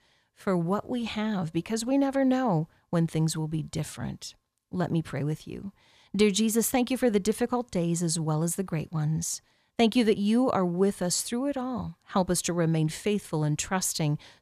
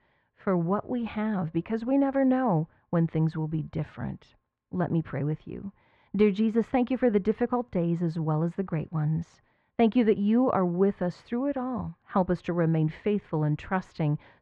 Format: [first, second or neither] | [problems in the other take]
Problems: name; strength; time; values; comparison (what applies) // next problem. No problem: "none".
first | muffled; very; fading above 2 kHz